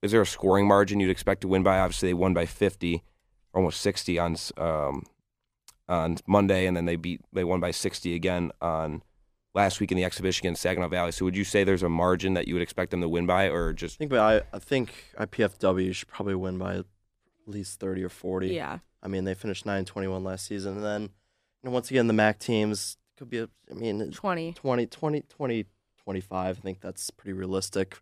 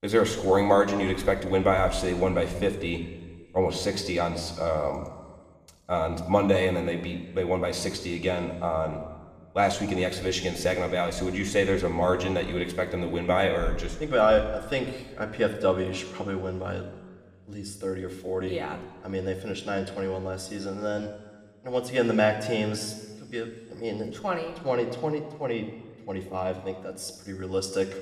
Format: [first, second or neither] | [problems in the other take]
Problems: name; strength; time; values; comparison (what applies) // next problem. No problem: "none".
first | room echo; slight; dies away in 1.4 s